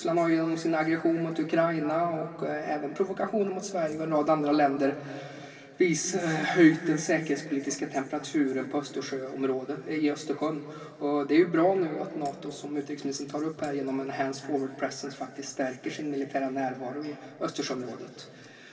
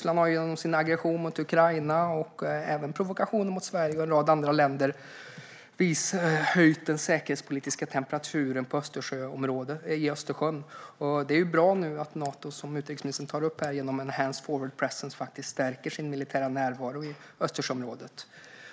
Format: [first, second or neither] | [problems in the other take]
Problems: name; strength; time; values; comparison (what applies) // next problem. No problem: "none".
second | room echo; dies away in 3 s